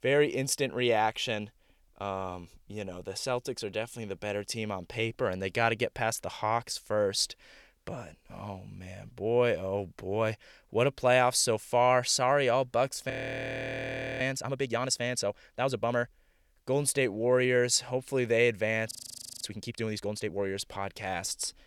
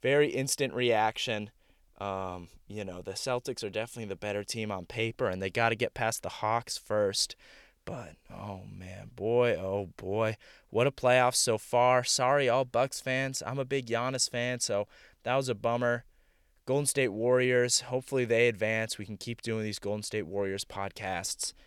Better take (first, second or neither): second